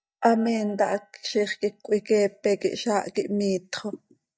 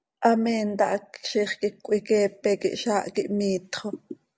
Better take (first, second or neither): second